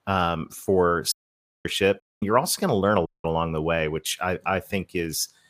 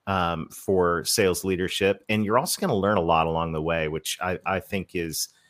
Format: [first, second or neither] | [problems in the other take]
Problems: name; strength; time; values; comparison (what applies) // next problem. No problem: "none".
second | audio cutting out; at 1 s for 0.5 s, at 2 s and at 3 s